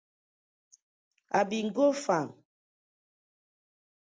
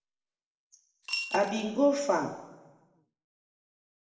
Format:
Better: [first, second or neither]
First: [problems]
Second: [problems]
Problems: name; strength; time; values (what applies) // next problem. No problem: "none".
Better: first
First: none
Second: background sound (Coin (dropping) / Glass); 6 dB below the speech // room echo; dies away in 1 s